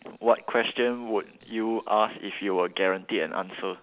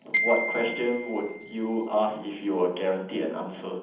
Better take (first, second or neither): first